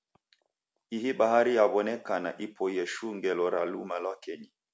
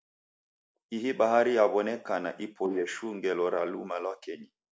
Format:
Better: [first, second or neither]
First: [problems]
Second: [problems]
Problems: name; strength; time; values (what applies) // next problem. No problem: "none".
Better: first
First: none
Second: noise reduction (neural mask model Resemble Enhance denoiser)